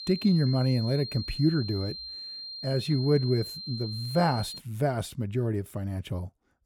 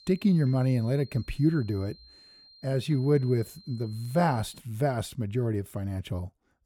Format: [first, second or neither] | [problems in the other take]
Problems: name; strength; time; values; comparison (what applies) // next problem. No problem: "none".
second | high-pitched whine; loud; until 4.5 s; 4 kHz, 9 dB below the speech; faint in the second